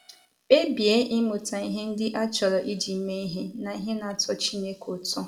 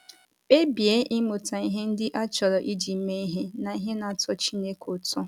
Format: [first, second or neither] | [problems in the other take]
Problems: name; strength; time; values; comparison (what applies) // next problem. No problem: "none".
second | room echo; dies away in 0.8 s